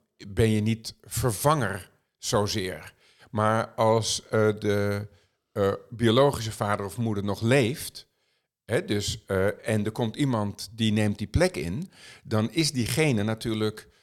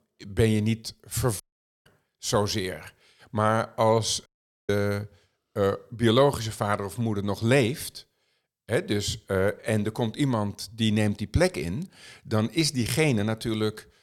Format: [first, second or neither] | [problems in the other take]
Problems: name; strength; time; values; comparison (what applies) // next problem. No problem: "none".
first | audio cutting out; at 1.5 s and at 4.5 s